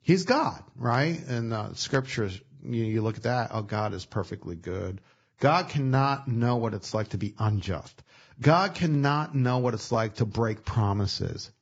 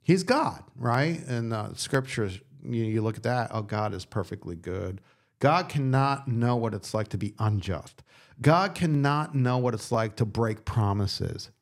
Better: second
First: garbled, watery; badly; nothing above 7.5 kHz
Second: none

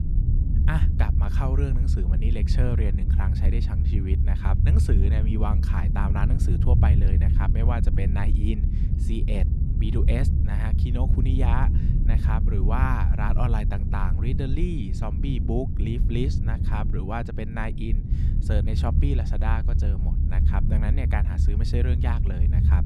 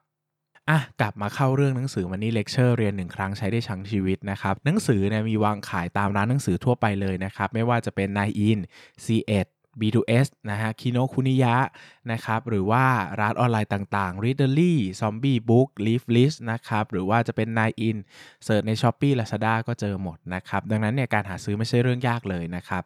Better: second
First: low rumble; loud; throughout; 4 dB below the speech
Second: none

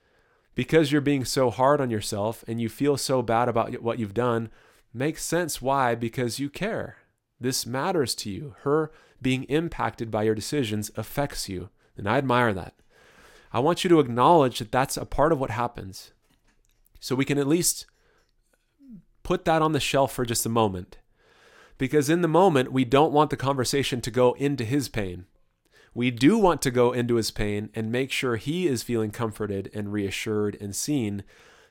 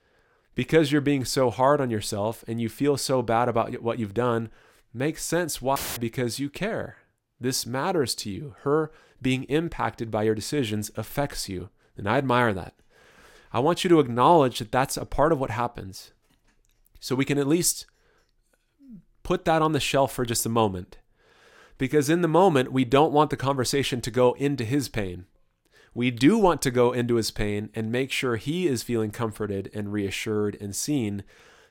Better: first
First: none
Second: audio cutting out; filled with static; at 6 s

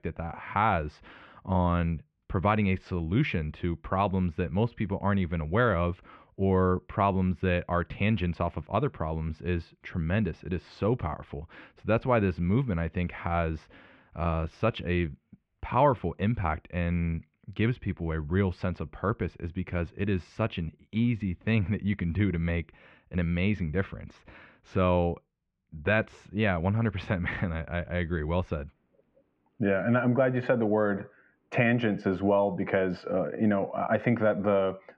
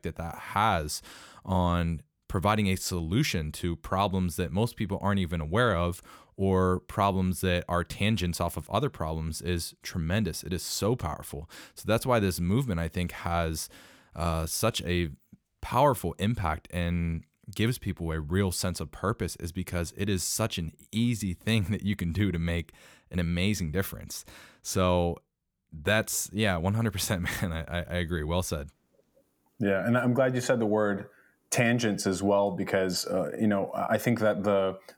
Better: second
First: muffled; very; fading above 2.5 kHz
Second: none

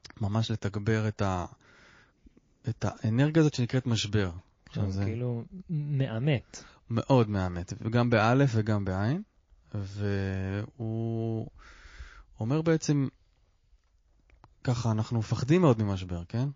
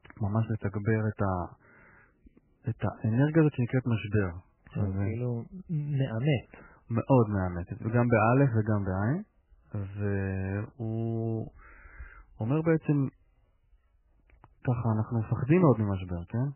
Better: first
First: garbled, watery; slightly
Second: garbled, watery; badly; nothing above 3 kHz

